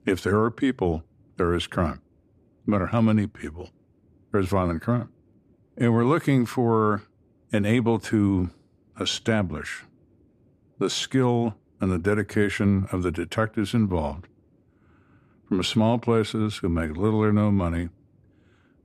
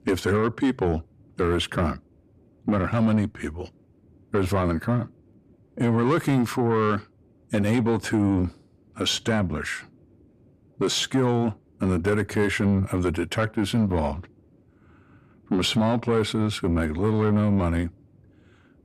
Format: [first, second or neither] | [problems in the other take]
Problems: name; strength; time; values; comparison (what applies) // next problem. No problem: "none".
first | distortion; slight; 10 dB below the speech